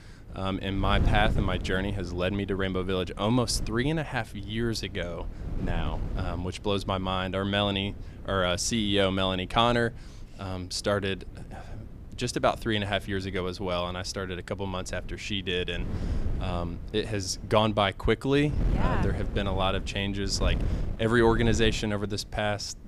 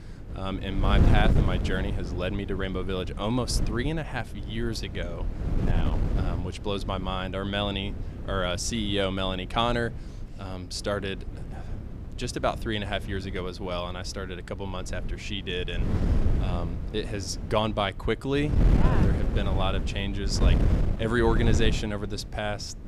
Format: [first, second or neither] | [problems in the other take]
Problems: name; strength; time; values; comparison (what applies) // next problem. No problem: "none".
first | wind noise on the microphone; heavy; 9 dB below the speech; occasional gusts in the first